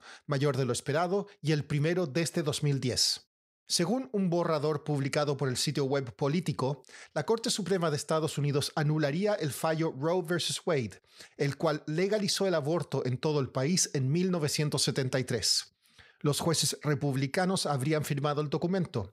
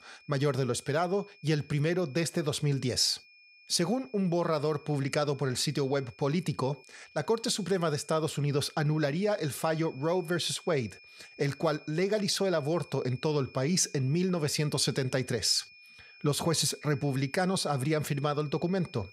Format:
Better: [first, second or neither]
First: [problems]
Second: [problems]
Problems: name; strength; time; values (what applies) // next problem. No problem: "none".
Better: first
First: none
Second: high-pitched whine; faint; throughout; 2.5 kHz, 25 dB below the speech